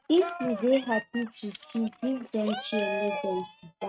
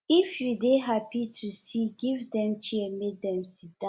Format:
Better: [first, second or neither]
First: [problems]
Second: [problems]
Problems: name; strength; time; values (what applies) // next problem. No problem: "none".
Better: second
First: noise reduction (neural mask model RNNoise)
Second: none